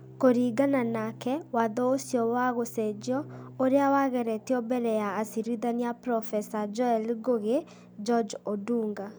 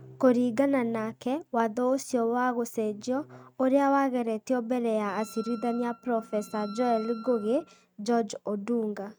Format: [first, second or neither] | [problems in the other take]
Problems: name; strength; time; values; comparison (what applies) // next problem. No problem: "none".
first | noise reduction (neural mask model RNNoise)